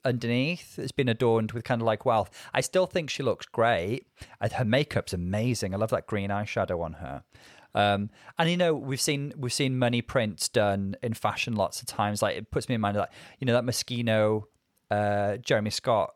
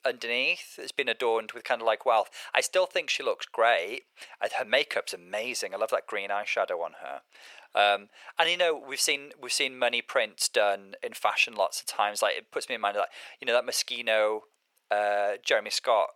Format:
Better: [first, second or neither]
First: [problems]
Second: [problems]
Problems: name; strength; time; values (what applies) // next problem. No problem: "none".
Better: first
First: none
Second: thin; very; fading below 500 Hz